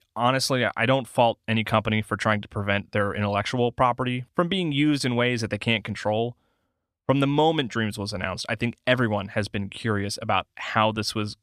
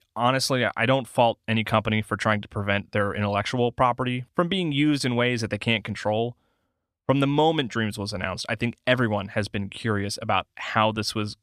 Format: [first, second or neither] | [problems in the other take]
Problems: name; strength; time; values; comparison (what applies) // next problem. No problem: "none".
neither | none